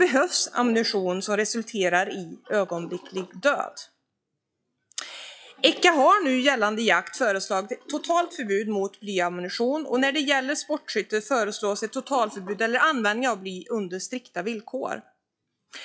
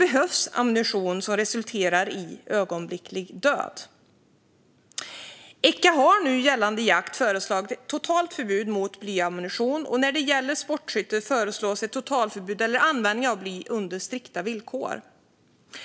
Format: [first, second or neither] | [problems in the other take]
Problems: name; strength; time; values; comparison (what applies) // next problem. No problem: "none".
second | noise reduction (classical method log-MMSE)